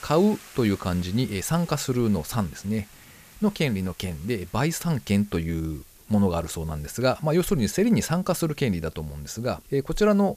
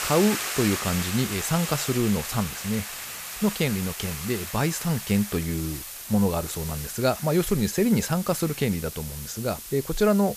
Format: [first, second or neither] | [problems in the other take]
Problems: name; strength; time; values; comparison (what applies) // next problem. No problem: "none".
first | hiss; loud; throughout; 6 dB below the speech; faint in the first